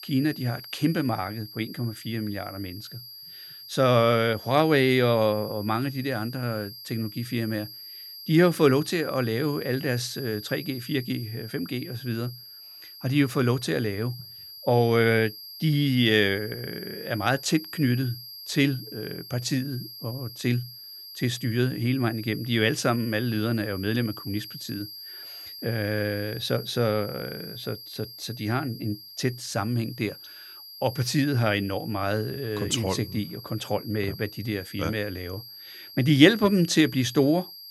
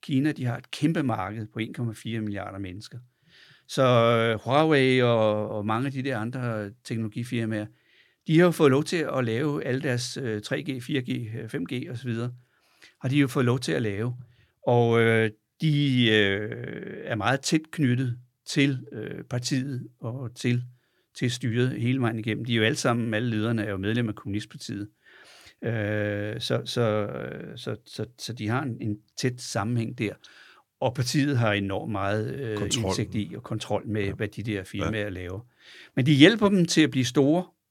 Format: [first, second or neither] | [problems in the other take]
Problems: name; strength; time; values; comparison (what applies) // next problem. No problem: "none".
second | high-pitched whine; noticeable; throughout; 5 kHz, 15 dB below the speech